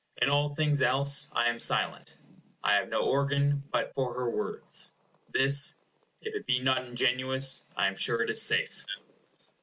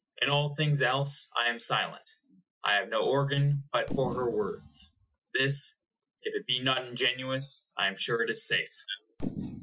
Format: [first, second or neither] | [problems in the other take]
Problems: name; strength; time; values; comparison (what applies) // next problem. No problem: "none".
first | noise reduction (classical method Wiener filter)